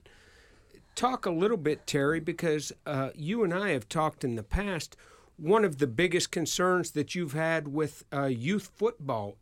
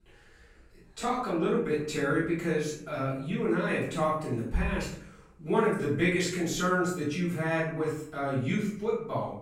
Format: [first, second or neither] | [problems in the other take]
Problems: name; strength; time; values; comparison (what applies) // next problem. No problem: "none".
first | off-mic speech; far // room echo; noticeable; dies away in 0.6 s